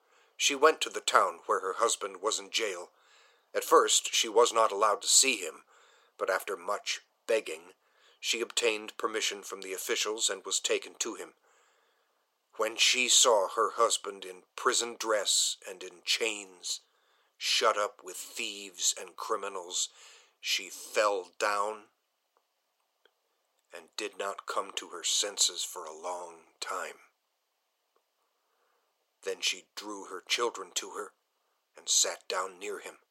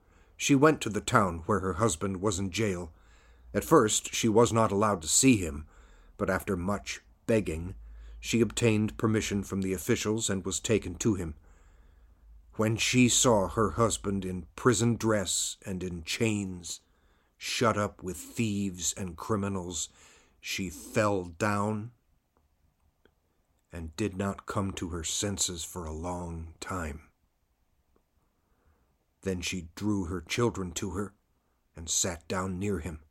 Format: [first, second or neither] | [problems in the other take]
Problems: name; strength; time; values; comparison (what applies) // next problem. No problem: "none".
second | thin; very; fading below 500 Hz